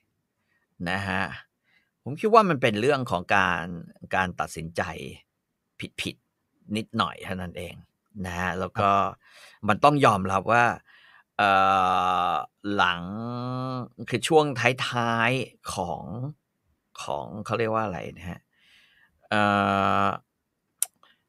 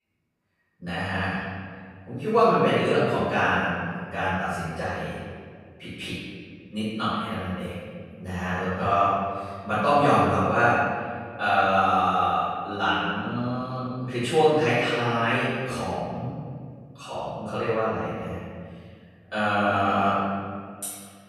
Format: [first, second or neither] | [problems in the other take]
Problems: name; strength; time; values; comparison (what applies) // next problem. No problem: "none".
first | off-mic speech; far // room echo; strong; dies away in 1.9 s